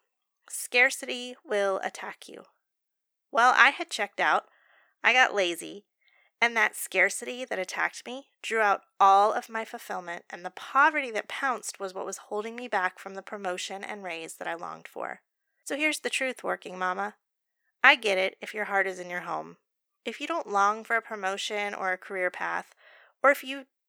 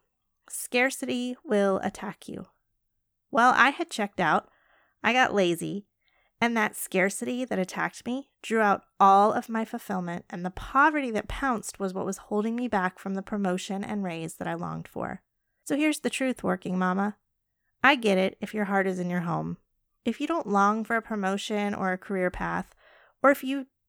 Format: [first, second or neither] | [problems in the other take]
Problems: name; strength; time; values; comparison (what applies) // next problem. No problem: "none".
second | thin; somewhat; fading below 500 Hz